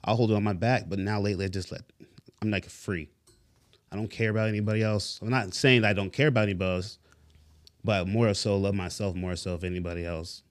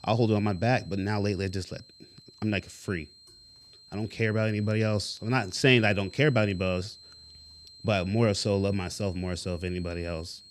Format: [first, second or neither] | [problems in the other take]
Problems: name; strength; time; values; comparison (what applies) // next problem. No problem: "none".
first | high-pitched whine; faint; throughout; 4 kHz, 20 dB below the speech